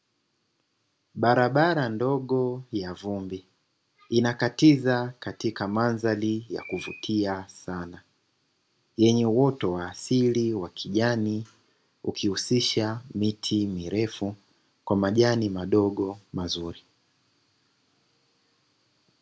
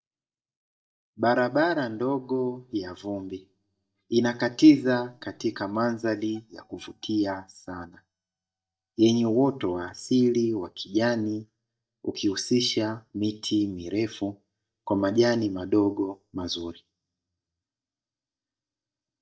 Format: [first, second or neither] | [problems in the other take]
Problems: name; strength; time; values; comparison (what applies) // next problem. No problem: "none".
first | noise reduction (neural mask model DeepFilterNet 3)